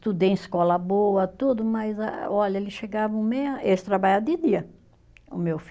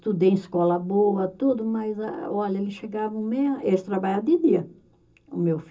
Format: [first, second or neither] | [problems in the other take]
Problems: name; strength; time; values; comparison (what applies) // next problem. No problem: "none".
first | room echo; dies away in 0.2 s